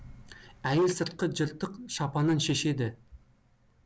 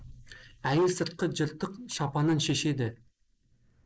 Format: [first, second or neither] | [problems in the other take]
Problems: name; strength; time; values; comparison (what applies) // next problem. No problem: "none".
first | noise reduction (neural mask model Resemble Enhance denoiser)